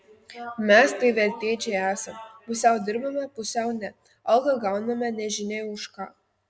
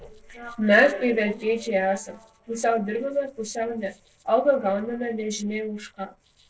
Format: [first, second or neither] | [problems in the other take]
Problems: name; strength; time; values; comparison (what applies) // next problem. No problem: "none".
first | noise reduction (neural separator model SepFormer DNS4)